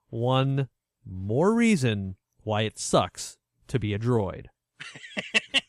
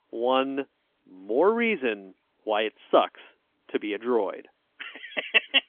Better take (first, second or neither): first